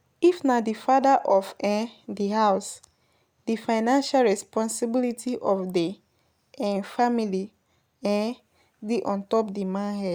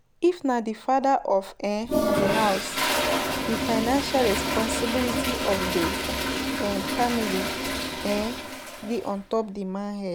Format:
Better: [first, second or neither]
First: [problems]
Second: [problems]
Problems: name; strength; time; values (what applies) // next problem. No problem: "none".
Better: first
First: none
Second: background sound (Toilet flush); 1 dB below the speech